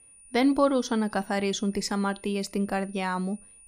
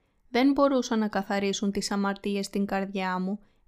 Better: second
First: high-pitched whine; faint; throughout; 9.5 kHz, 25 dB below the speech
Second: none

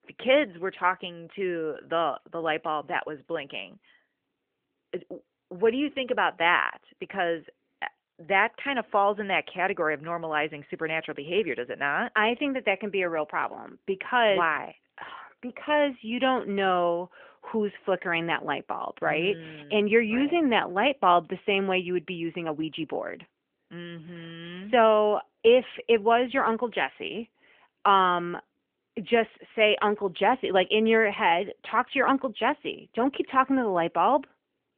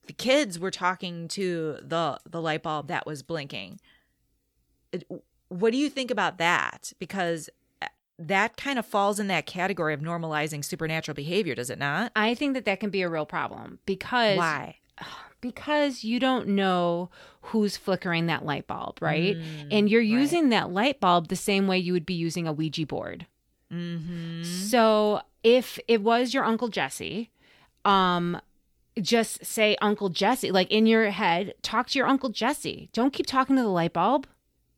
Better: second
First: phone-call audio; nothing above 3 kHz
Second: none

